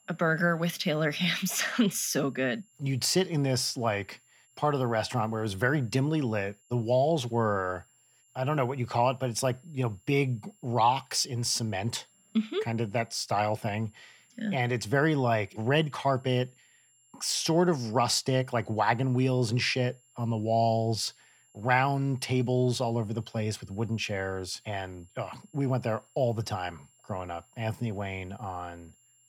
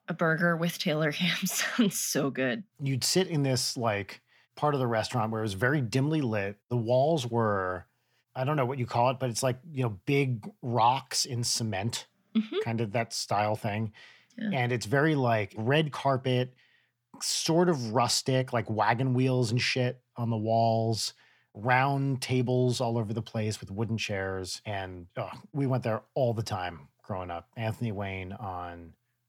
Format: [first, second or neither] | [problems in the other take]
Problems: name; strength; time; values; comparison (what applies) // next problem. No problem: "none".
second | high-pitched whine; faint; throughout; 7.5 kHz, 35 dB below the speech